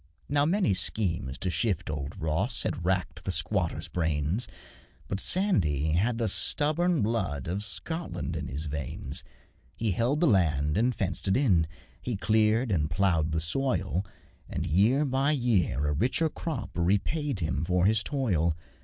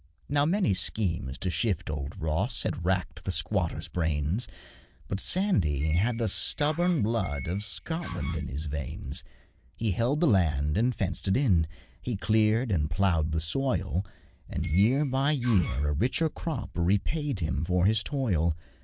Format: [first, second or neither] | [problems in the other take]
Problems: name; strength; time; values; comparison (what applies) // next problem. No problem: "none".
first | background sound (Door); 18 dB below the speech